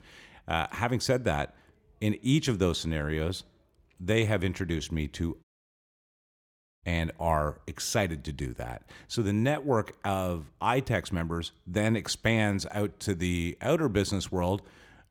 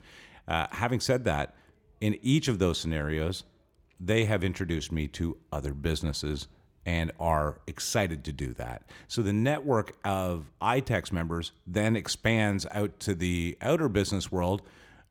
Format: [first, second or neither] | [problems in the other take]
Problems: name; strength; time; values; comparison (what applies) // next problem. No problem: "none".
second | audio cutting out; at 5.5 s for 1.5 s